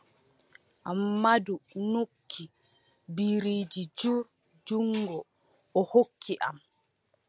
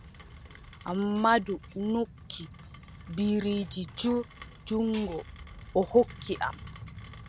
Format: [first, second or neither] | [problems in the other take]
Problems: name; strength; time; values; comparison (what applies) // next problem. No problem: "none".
first | background sound (Rain); 16 dB below the speech